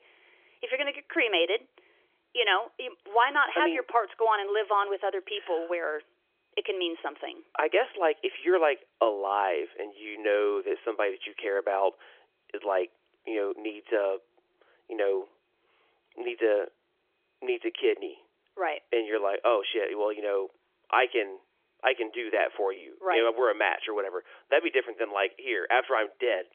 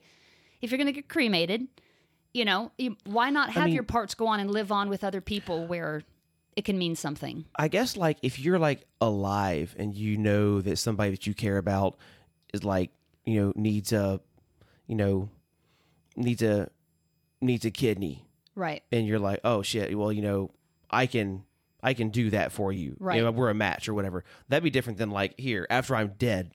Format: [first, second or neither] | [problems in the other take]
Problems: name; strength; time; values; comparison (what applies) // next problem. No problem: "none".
second | phone-call audio; nothing above 3.5 kHz